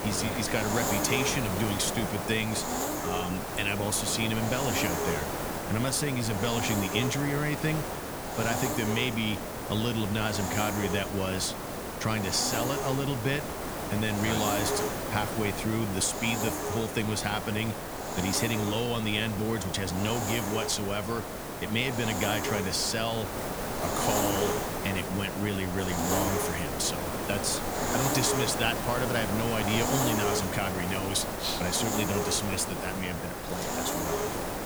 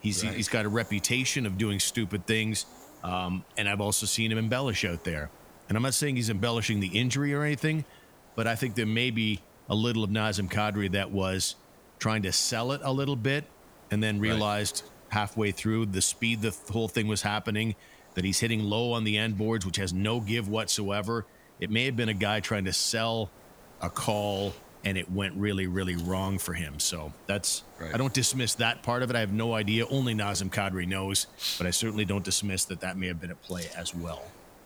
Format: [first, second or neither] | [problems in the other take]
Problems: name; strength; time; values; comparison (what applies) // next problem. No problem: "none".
second | hiss; loud; throughout; 2 dB below the speech; faint in the second